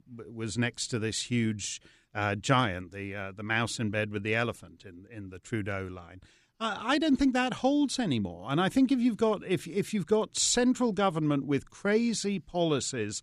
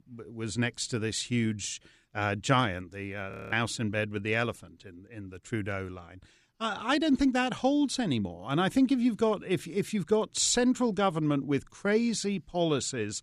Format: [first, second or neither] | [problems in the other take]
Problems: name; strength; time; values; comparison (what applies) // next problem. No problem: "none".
first | audio freezing; at 3.5 s